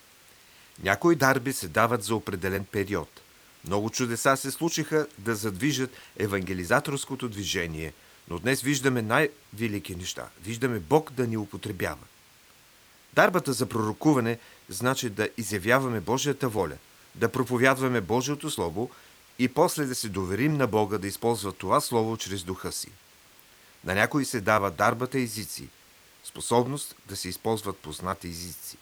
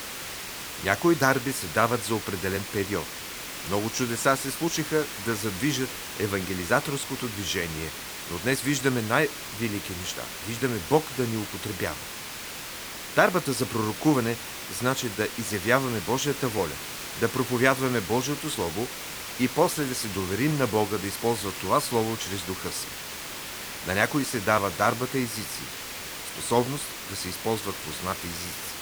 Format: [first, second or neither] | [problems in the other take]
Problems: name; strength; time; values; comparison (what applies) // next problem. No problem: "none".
first | hiss; loud; throughout; 7 dB below the speech; faint in the first